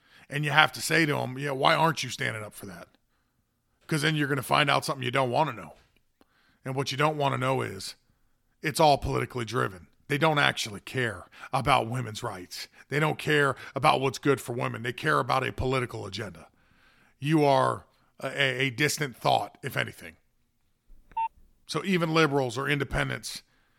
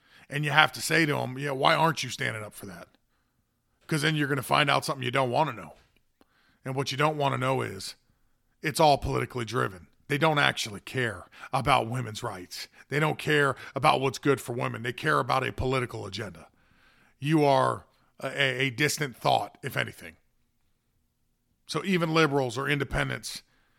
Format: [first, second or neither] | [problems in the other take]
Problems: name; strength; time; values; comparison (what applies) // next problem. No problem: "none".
second | phone ringing; noticeable; at 21 s; peak 7 dB below the speech